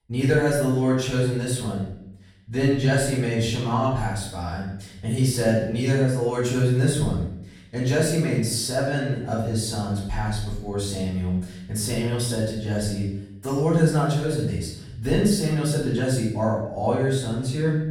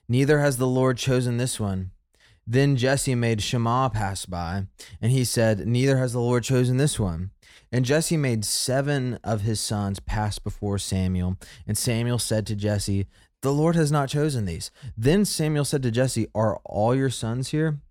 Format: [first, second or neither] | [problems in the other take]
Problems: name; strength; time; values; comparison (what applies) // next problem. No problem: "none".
second | room echo; noticeable; dies away in 0.7 s // off-mic speech; far